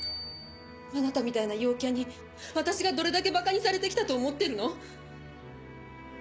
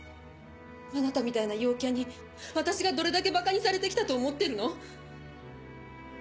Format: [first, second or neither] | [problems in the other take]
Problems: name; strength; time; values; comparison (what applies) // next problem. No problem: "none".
second | background sound (Bicycle bell); 18 dB below the speech